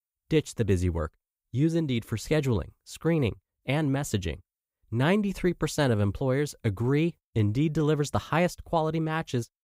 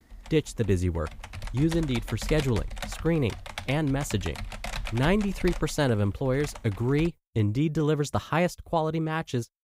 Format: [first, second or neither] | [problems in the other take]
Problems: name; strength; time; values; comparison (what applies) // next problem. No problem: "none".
first | keyboard typing; noticeable; until 7 s; peak 7 dB below the speech